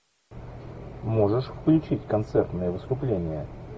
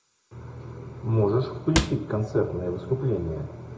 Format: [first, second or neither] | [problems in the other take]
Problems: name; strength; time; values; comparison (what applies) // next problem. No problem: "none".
first | background sound (Cupboard open or close / Drawer open or close); 3 dB below the speech // room echo; dies away in 0.6 s